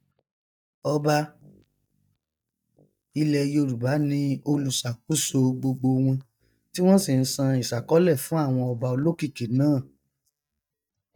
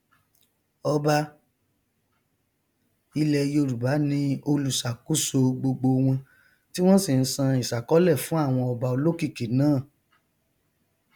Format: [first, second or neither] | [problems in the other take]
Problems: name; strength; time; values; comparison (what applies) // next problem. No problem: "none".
second | noise reduction (neural mask model DeepFilterNet 3)